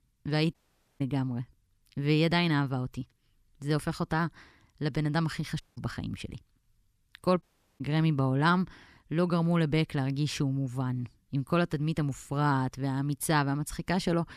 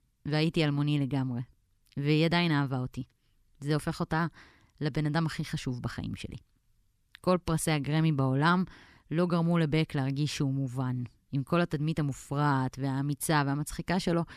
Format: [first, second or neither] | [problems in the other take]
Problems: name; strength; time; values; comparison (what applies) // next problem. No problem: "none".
second | audio cutting out; at 0.5 s, at 5.5 s and at 7.5 s